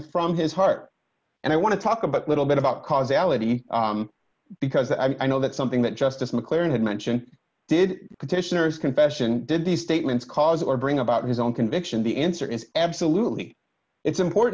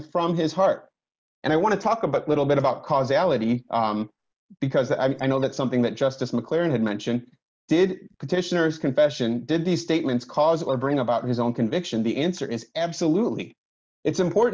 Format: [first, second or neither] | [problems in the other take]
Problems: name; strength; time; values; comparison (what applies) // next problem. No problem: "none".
first | noise reduction (neural mask model DeepFilterNet 3)